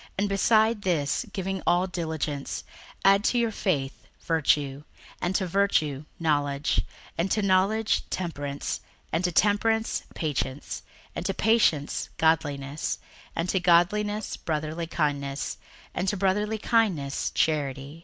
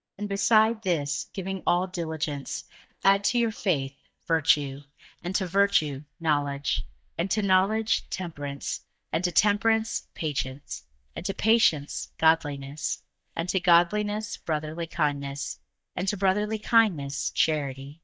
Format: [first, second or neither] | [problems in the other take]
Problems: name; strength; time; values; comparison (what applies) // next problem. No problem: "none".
first | noise reduction (neural mask model DeepFilterNet 3)